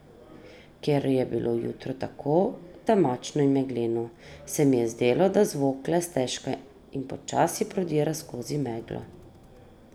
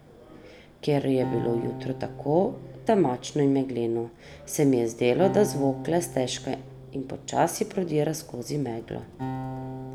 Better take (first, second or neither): first